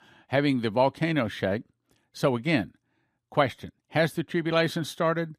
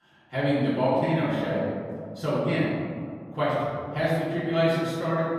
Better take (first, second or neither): first